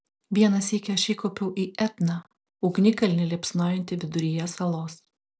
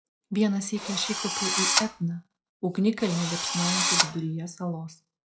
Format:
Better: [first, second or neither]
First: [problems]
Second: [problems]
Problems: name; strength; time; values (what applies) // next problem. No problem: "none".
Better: first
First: none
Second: noise reduction (classical method log-MMSE)